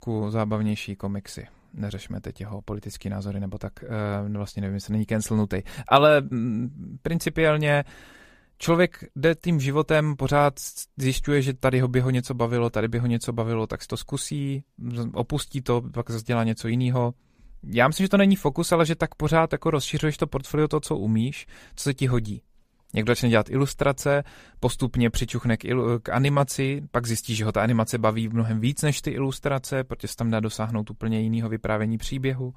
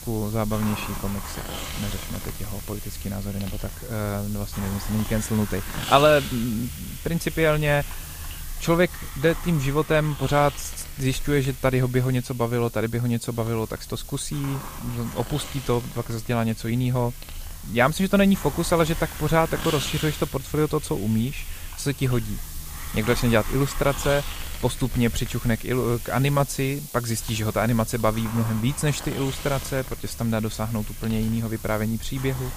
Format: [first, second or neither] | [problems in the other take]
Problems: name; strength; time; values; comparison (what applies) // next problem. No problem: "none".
first | hiss; noticeable; throughout; 10 dB below the speech